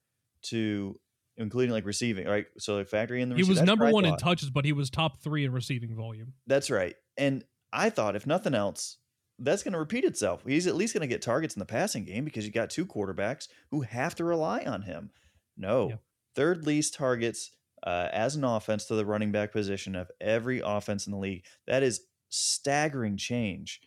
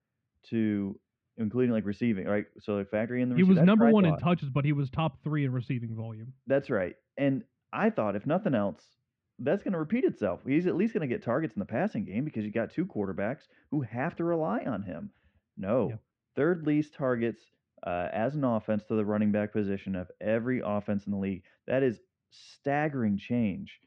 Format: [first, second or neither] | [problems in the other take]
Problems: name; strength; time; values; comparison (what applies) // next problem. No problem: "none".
first | muffled; very; fading above 2 kHz